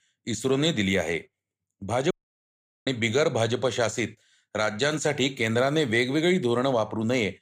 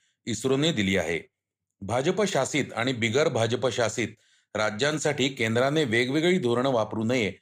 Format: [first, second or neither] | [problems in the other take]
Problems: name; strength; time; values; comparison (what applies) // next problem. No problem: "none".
second | audio cutting out; at 2 s for 1 s